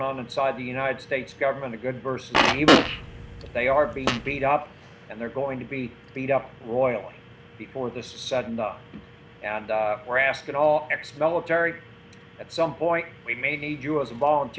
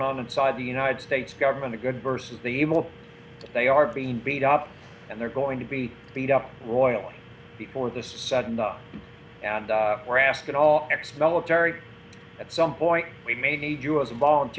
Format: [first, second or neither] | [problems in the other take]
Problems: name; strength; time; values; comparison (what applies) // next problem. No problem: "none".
second | background sound (Fart); 3 dB above the speech